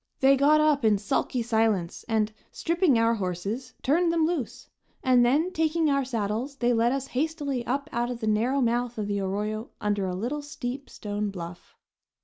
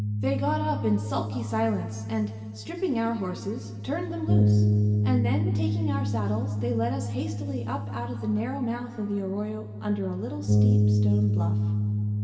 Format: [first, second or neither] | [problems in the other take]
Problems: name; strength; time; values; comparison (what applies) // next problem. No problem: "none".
first | background sound (Bass guitar); 4 dB above the speech // room echo; dies away in 2.3 s